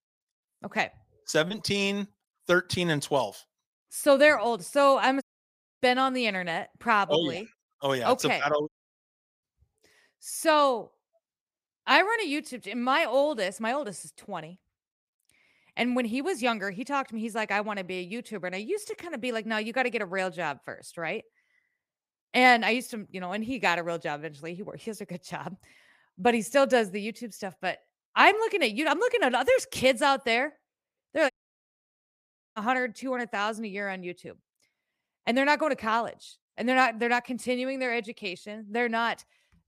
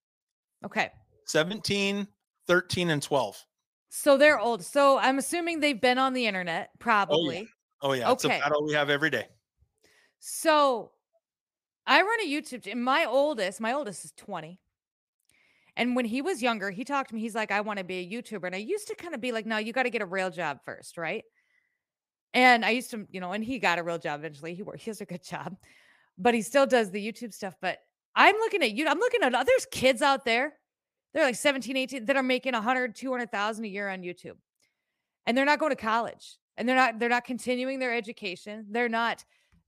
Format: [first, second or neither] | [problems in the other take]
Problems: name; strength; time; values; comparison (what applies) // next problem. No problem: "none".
second | audio cutting out; at 5 s for 0.5 s, at 8.5 s for 0.5 s and at 31 s for 1.5 s